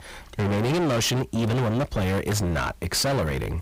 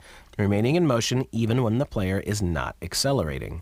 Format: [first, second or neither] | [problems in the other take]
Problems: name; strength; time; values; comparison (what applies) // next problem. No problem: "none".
second | distortion; heavy; 32% of the sound clipped